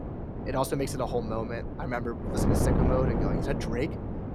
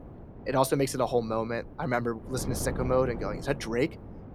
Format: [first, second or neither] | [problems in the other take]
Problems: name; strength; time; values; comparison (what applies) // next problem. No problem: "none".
second | wind noise on the microphone; heavy; 2 dB below the speech; occasional gusts in the second